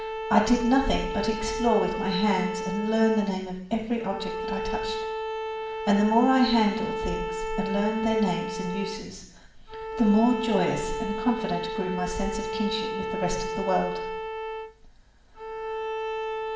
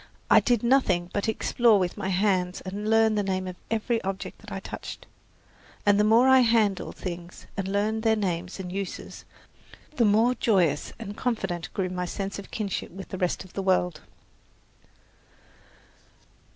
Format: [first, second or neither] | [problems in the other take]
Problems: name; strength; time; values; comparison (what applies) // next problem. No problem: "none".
second | background sound (Bowed string instrument); 5 dB below the speech // room echo; dies away in 0.7 s